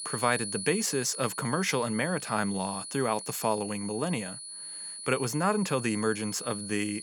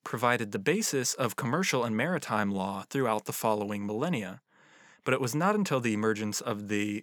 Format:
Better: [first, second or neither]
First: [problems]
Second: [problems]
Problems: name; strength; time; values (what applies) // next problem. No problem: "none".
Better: second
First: high-pitched whine; loud; throughout; 10 kHz, 8 dB below the speech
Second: none